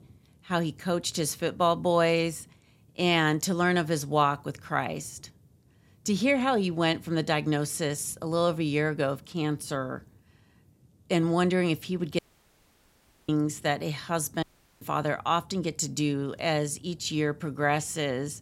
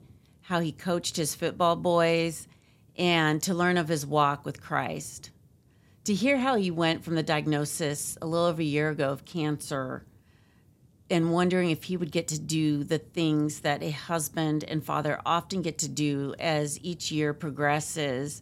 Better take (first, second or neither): second